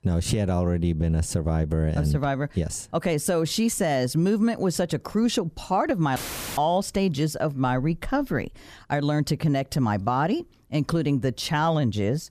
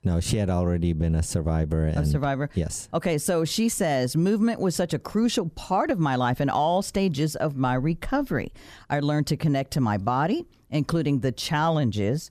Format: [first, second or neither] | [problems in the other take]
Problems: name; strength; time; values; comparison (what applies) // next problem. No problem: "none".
second | audio cutting out; filled with static; at 6 s